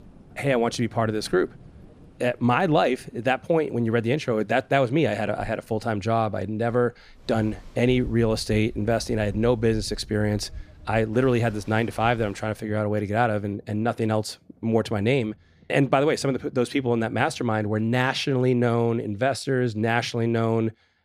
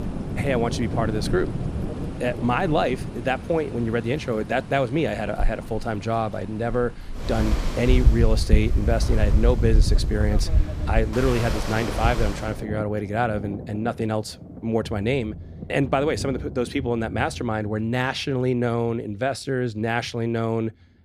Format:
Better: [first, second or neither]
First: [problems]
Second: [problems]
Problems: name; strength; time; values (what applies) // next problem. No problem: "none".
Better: first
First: rain or running water; faint; throughout; 25 dB below the speech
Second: rain or running water; loud; throughout; 3 dB below the speech